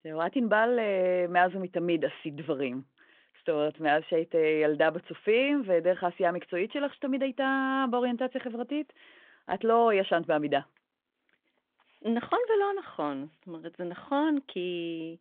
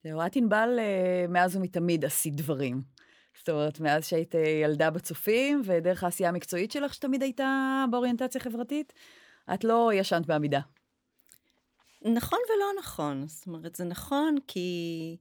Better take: second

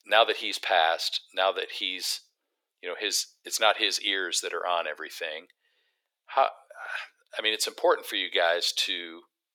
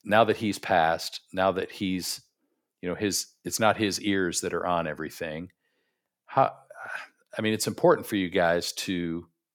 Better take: second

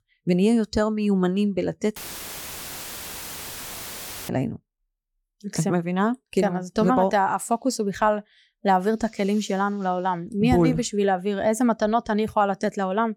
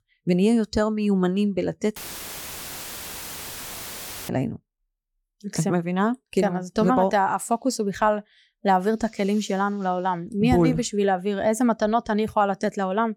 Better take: neither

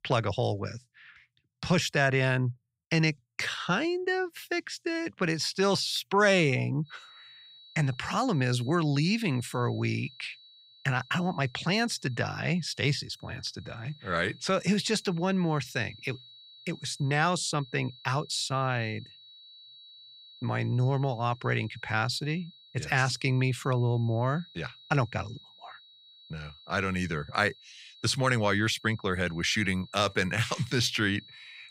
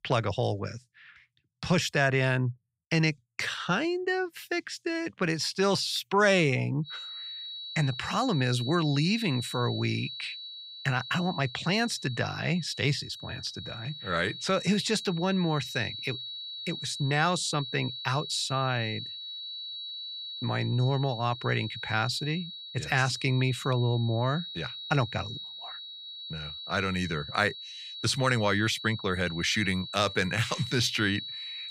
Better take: first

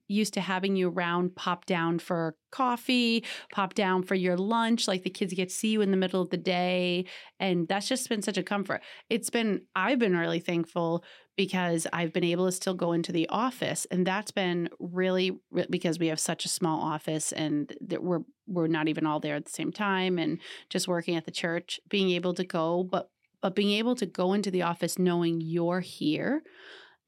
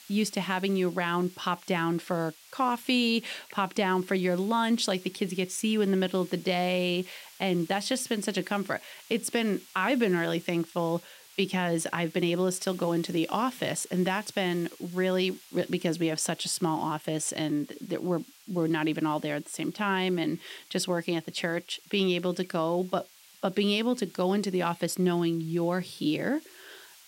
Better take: first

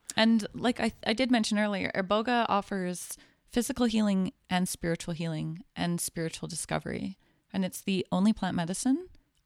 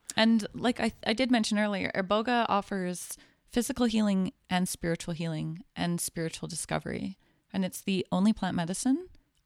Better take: neither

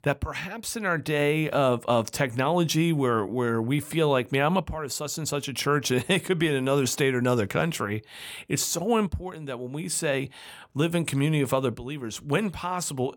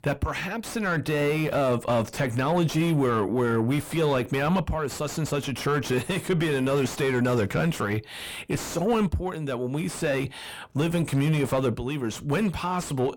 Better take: first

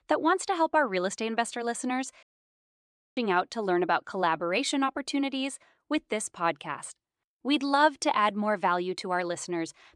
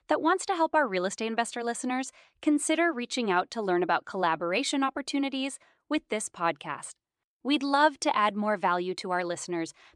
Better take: second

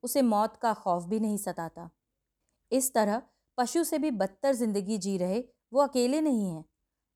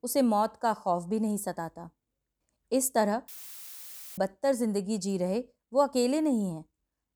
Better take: first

